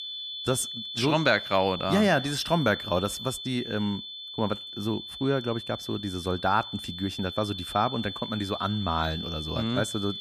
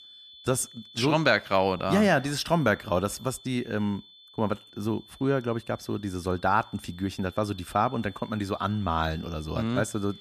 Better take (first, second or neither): second